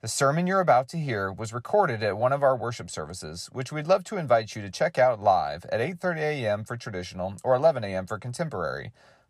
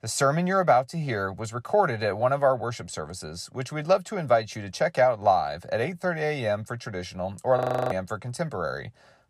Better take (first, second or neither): first